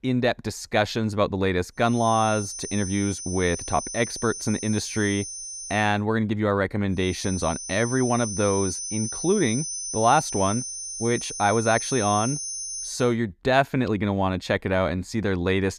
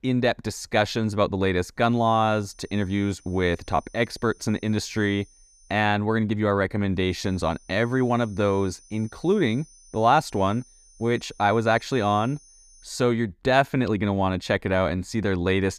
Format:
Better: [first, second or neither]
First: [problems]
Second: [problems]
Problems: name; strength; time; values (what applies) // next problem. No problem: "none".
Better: second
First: high-pitched whine; loud; from 2 to 6 s and from 7 to 13 s; 6 kHz, 6 dB below the speech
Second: high-pitched whine; faint; from 2 to 6 s and from 7 to 13 s; 6 kHz, 30 dB below the speech